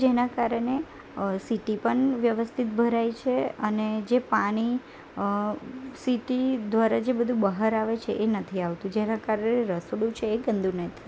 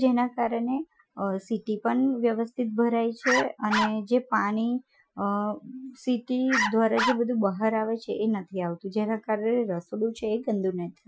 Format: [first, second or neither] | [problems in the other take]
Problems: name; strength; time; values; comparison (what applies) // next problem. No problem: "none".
first | noise reduction (classical method Wiener filter)